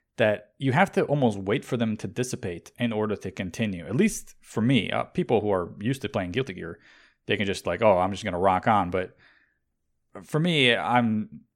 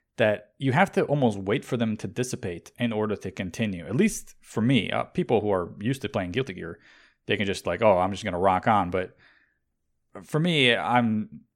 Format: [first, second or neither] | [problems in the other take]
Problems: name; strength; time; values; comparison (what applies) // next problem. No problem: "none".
neither | none